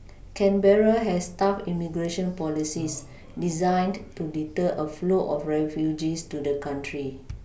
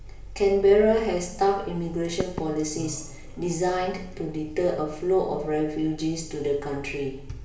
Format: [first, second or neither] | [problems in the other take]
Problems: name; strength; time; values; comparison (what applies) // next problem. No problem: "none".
first | background sound (Knock / Wood); 11 dB below the speech // room echo; dies away in 0.7 s